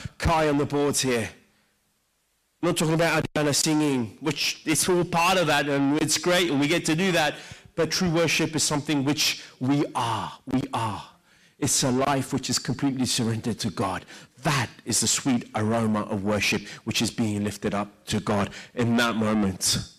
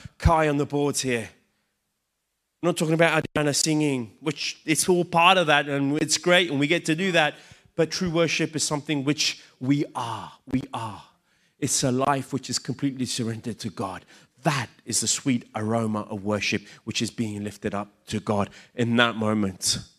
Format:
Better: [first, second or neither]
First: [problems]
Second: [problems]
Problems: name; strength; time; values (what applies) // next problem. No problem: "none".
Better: second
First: distortion; heavy; 6 dB below the speech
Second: none